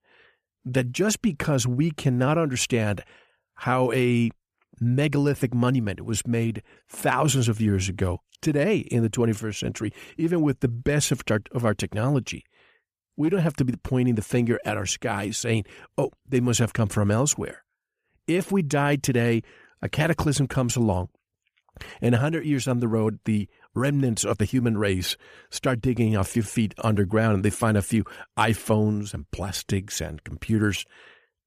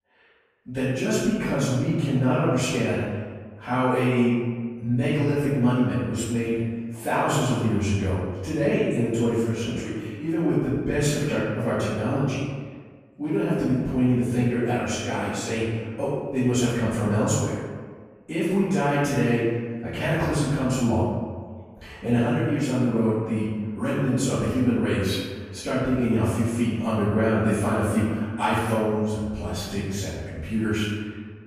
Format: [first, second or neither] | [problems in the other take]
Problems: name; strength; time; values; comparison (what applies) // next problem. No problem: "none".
first | off-mic speech; far // room echo; strong; dies away in 1.4 s